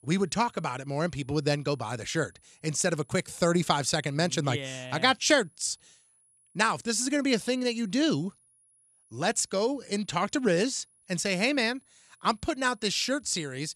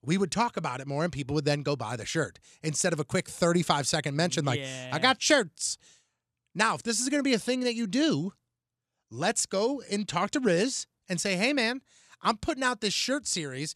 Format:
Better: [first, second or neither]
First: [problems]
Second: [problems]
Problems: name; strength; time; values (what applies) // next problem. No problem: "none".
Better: second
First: high-pitched whine; faint; throughout; 10.5 kHz, 35 dB below the speech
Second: none